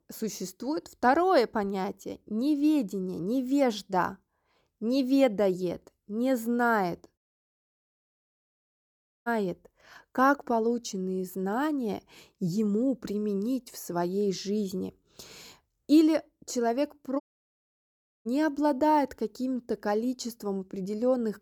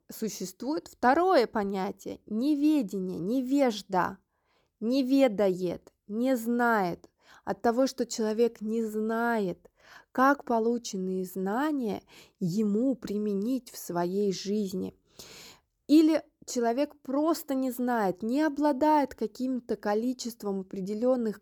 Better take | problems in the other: second | audio cutting out; at 7 s for 2 s and at 17 s for 1 s

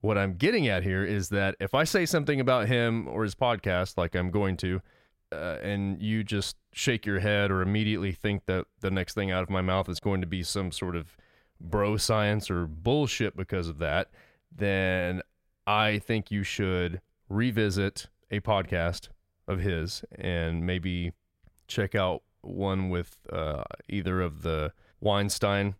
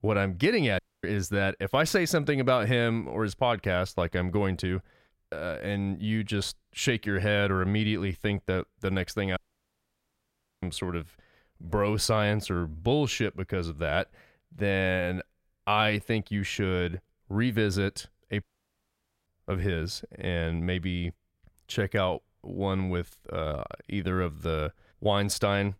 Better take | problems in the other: first | audio cutting out; at 1 s, at 9.5 s for 1.5 s and at 18 s for 1 s

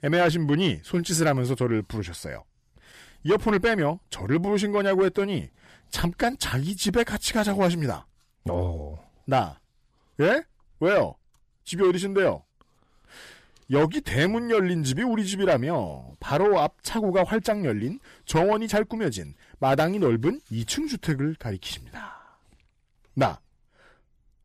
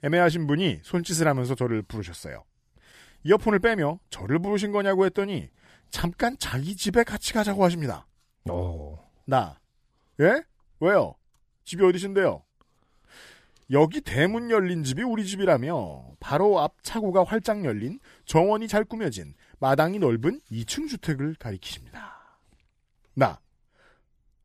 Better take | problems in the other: second | distortion; slight; 10 dB below the speech

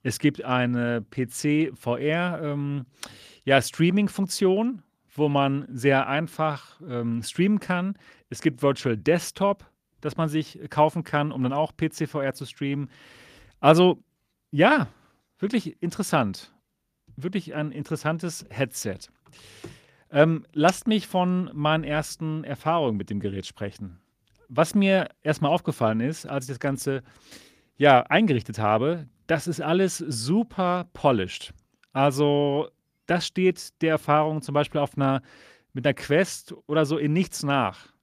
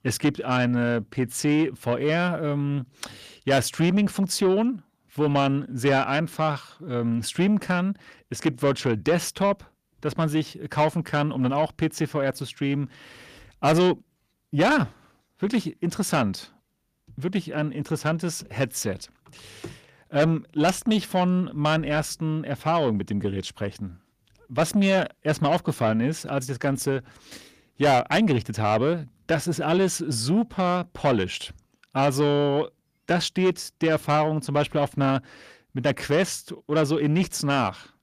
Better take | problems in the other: first | distortion; slight; 10 dB below the speech

